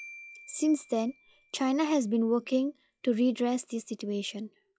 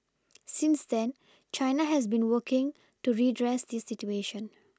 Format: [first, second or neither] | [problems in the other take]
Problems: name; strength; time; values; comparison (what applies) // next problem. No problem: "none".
second | noise reduction (classical method log-MMSE)